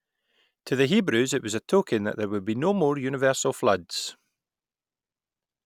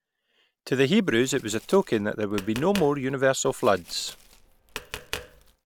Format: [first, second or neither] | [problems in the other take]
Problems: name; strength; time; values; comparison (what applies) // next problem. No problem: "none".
first | background sound (Tap); 16 dB below the speech